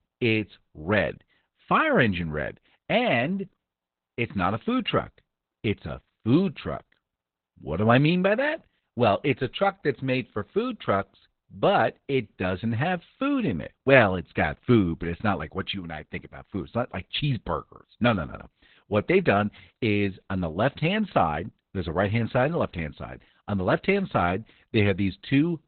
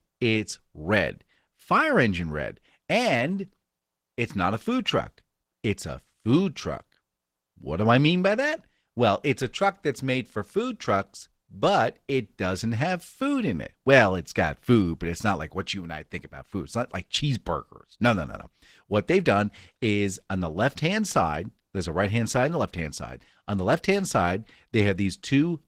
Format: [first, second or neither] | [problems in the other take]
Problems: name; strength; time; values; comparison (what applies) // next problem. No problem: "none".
second | garbled, watery; badly; nothing above 4 kHz; slightly in the second